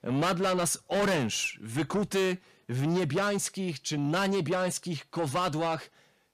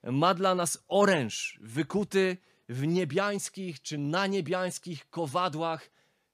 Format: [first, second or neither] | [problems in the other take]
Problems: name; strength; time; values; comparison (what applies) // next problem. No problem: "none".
second | distortion; heavy; 7 dB below the speech